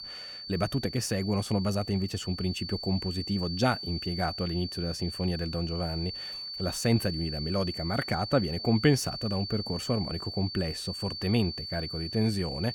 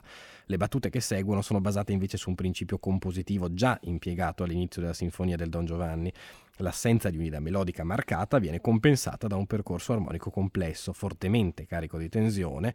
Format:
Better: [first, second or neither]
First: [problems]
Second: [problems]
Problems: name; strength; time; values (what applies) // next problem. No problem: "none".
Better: second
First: high-pitched whine; loud; throughout; 4.5 kHz, 6 dB below the speech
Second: none